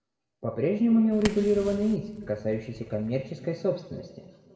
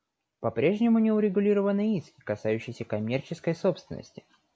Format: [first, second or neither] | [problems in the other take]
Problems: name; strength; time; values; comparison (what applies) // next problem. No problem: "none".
second | background sound (Fire); 14 dB below the speech // room echo; dies away in 1.7 s